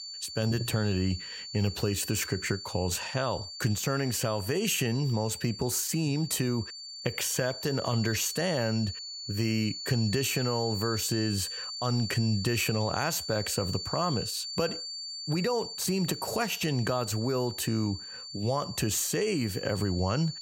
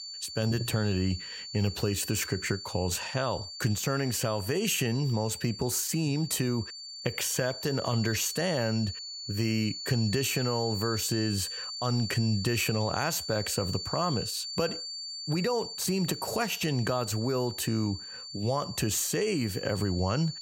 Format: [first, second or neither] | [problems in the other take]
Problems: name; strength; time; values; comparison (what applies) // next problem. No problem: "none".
neither | high-pitched whine; loud; throughout; 4.5 kHz, 7 dB below the speech; the same in both